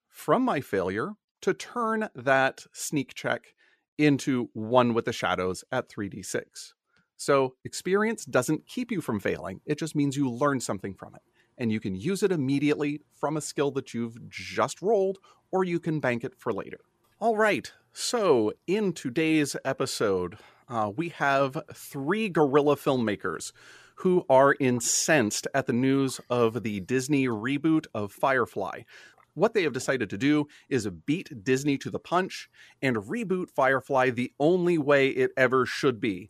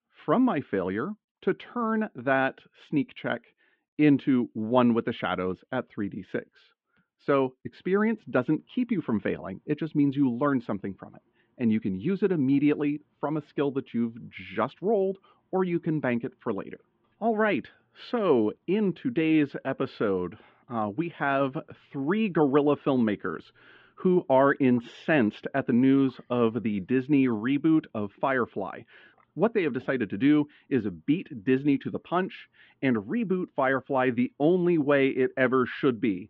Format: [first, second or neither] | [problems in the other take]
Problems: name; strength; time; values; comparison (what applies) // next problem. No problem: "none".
first | muffled; very; fading above 3 kHz